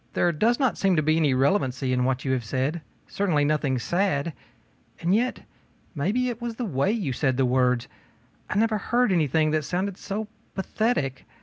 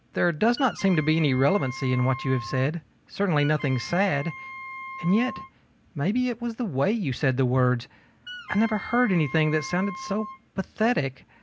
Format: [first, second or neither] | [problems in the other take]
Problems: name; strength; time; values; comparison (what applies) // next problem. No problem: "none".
first | background sound (Wind instrument, woodwind instrument); 14 dB below the speech